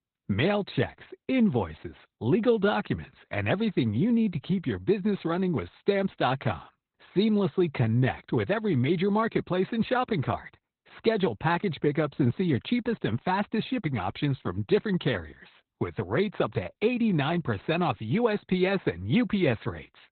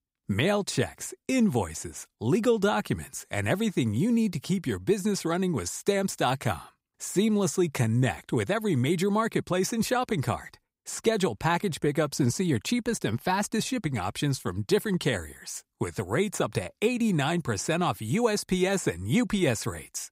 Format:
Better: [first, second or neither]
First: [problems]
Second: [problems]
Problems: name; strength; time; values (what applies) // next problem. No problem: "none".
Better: second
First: garbled, watery; badly; nothing above 4 kHz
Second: none